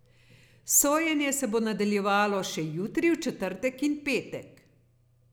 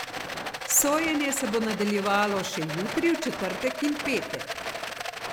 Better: first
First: none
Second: background sound (Rattle); 6 dB below the speech

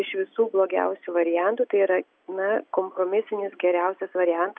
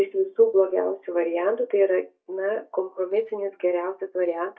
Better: first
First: none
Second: noise reduction (neural mask model DeepFilterNet 3)

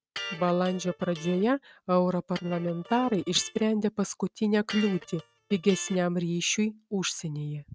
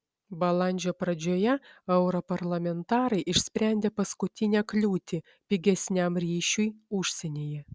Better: second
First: noise reduction (neural mask model RNNoise)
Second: none

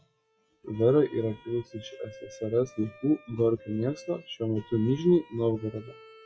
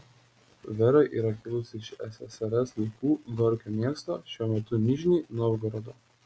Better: second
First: noise reduction (classical method WPE with log-MMSE)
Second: none

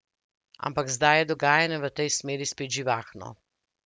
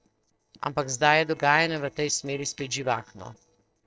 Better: first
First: none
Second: noise reduction (neural separator model SepFormer DNS4)

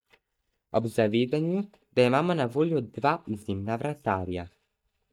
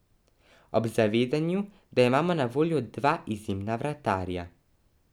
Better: second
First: noise reduction (neural mask model DeepFilterNet 3)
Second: none

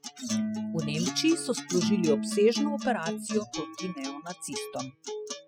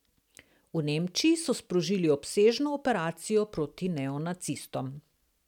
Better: second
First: noise reduction (classical method spectral subtraction)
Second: none

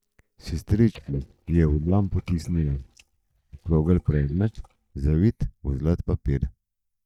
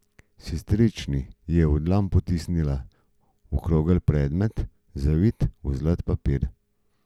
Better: second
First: noise reduction (neural mask model DeepFilterNet 3)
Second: none

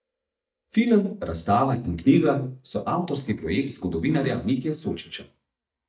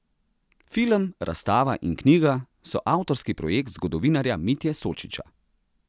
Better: second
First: noise reduction (neural mask model DeepFilterNet 3)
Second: none

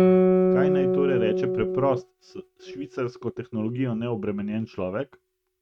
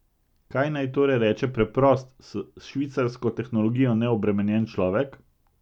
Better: second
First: noise reduction (neural mask model RNNoise)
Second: none

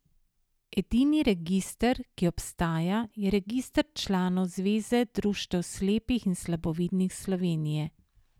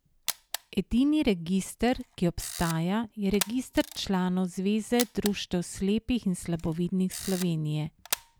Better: first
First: none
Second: background sound (Camera); 13 dB below the speech

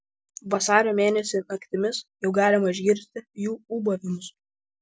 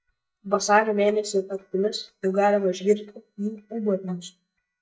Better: first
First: none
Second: noise reduction (neural mask model DeepFilterNet 3)

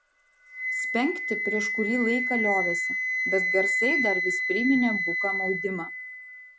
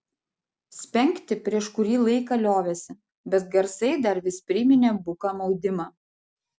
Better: second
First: background sound (Wind instrument, woodwind instrument); 1 dB above the speech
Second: none

